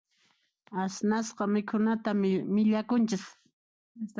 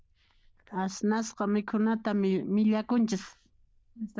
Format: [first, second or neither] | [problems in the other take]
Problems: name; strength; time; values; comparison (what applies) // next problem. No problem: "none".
first | noise reduction (neural diffusion model UNIVERSE++)